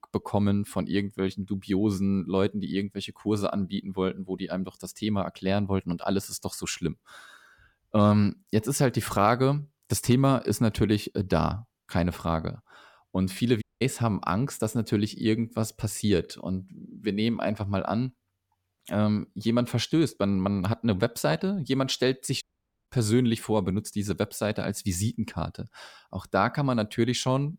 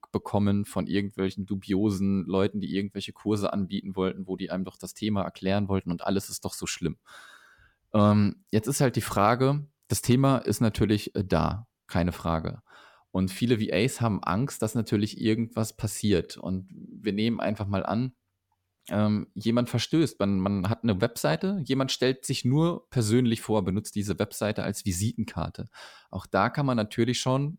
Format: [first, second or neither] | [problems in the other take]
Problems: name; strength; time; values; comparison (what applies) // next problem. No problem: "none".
second | audio cutting out; at 14 s and at 22 s